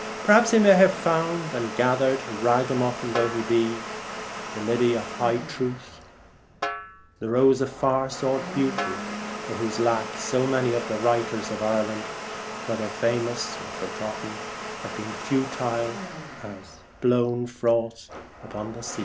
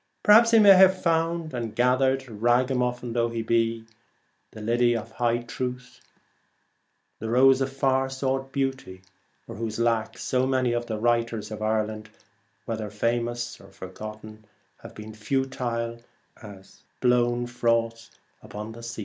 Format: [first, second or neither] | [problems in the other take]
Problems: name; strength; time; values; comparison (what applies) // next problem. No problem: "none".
second | background sound (Domestic sounds, home sounds + Snare drum); 9 dB below the speech